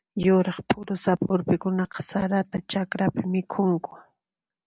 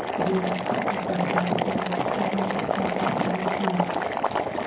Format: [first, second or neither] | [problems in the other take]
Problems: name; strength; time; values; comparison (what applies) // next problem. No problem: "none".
first | background sound (Boiling); 4 dB above the speech // room echo; dies away in 0.9 s